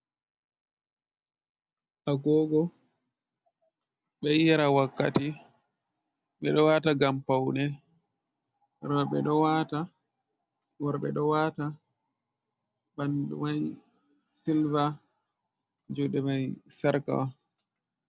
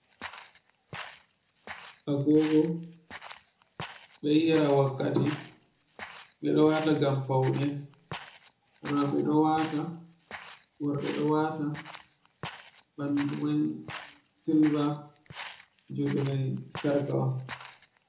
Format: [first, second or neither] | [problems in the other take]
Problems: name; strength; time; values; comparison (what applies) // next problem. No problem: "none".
first | background sound (Walk, footsteps); 17 dB below the speech // room echo; dies away in 0.5 s